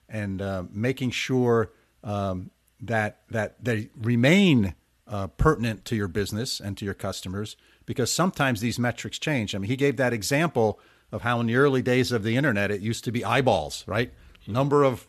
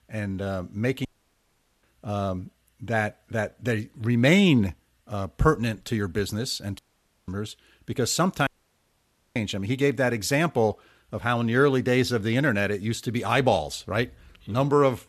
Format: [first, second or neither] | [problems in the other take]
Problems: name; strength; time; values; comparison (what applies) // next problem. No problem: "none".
first | audio cutting out; at 1 s for 1 s, at 7 s and at 8.5 s for 1 s